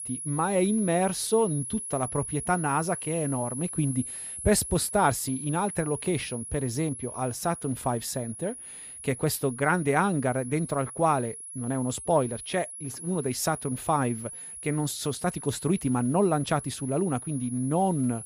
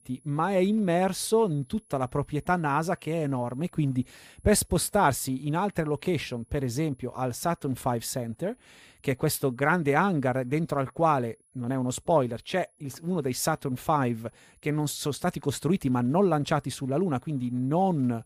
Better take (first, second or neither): second